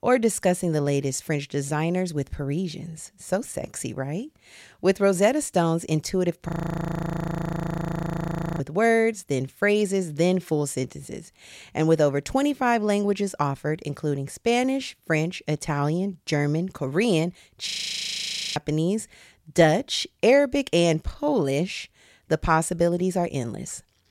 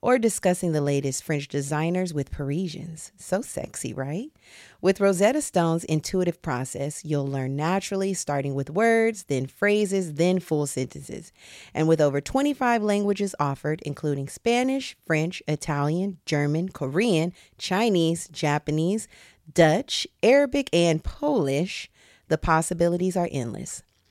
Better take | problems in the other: second | audio freezing; at 6.5 s for 2 s and at 18 s for 1 s

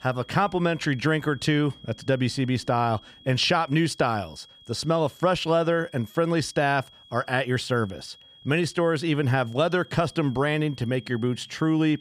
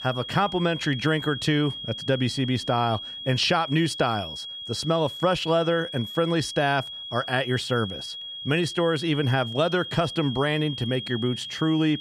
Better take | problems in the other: first | high-pitched whine; loud; throughout; 3.5 kHz, 9 dB below the speech; faint in the first

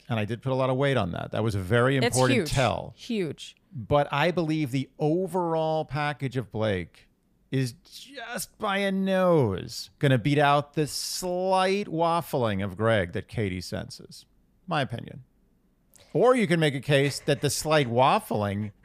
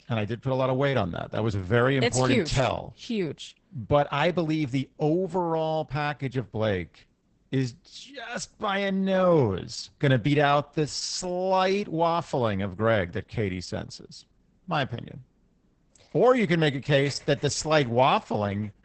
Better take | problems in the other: first | garbled, watery; badly; nothing above 8 kHz

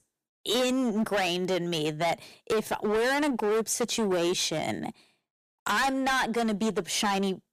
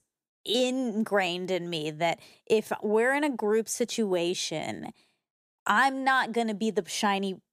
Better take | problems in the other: second | distortion; heavy; 19% of the sound clipped

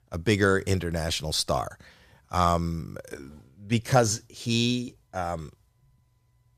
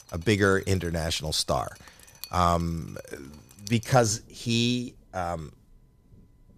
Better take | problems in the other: first | rain or running water; faint; throughout; 20 dB below the speech

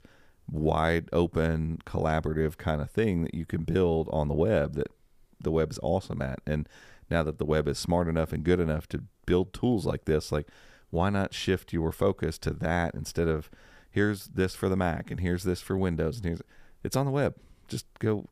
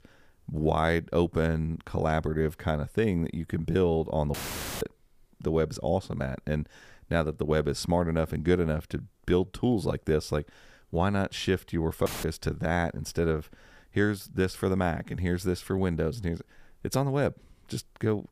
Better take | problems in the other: first | audio cutting out; filled with static; at 4.5 s and at 12 s

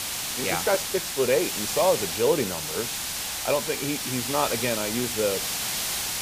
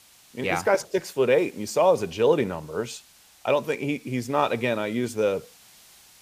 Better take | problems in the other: second | hiss; loud; throughout; 1 dB below the speech; faint in the second

